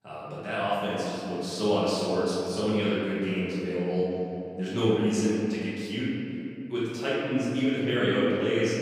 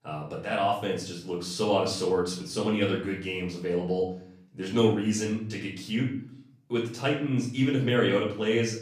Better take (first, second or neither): second